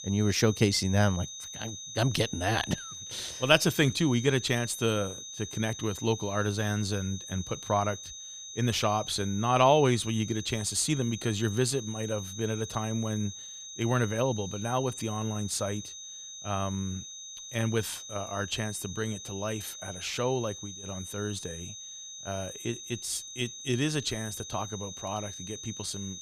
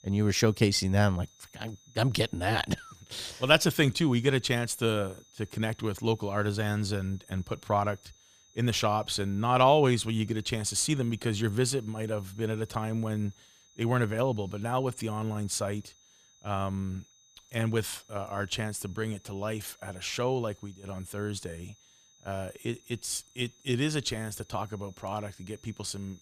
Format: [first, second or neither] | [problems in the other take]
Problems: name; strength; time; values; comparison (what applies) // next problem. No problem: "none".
second | high-pitched whine; loud; throughout; 6.5 kHz, 10 dB below the speech; faint in the second